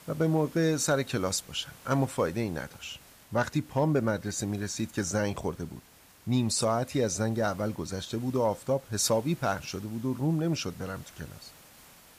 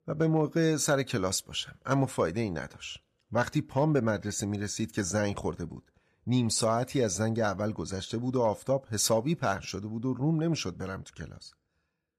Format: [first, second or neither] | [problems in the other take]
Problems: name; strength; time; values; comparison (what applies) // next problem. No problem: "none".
second | hiss; faint; throughout; 25 dB below the speech